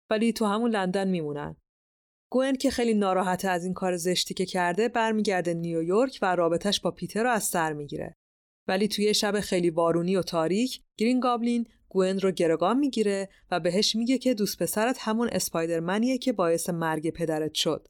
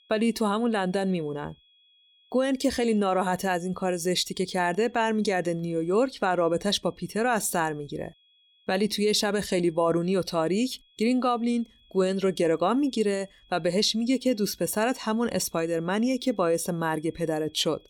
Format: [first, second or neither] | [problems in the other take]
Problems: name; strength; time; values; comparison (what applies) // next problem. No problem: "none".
first | high-pitched whine; faint; throughout; 3.5 kHz, 35 dB below the speech